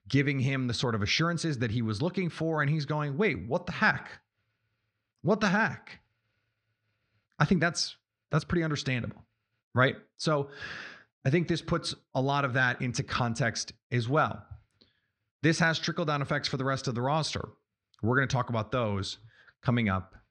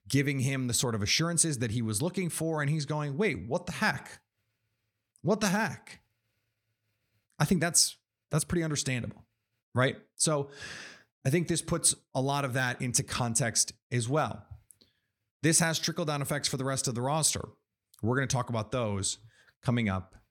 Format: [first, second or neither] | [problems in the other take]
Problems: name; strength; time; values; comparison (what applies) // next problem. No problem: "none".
second | muffled; slightly; fading above 4.5 kHz